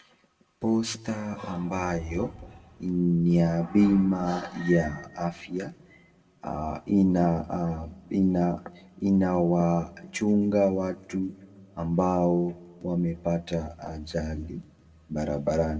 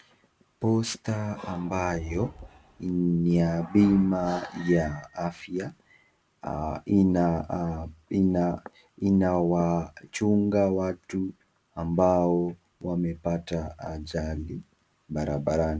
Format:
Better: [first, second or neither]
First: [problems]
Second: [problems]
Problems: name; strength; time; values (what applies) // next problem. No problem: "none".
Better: second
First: room echo; dies away in 1 s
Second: none